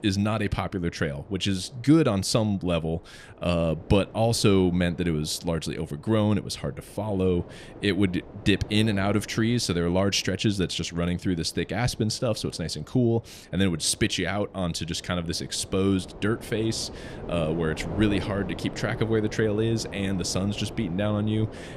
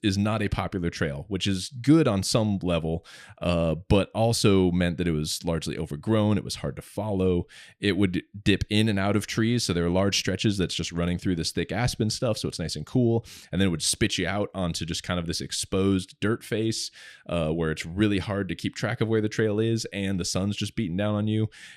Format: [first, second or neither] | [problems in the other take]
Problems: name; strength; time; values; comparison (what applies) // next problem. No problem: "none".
second | wind noise on the microphone; occasional gusts; 15 dB below the speech